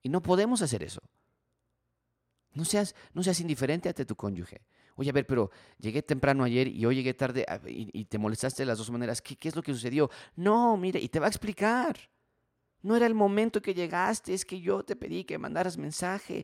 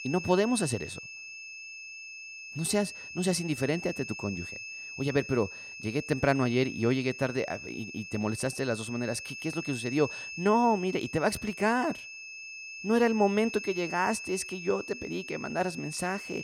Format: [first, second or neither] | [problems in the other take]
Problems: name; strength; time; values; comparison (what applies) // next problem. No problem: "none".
first | high-pitched whine; loud; throughout; 2.5 kHz, 10 dB below the speech